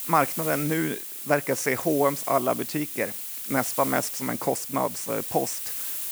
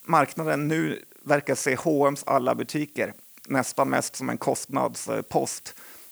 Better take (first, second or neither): second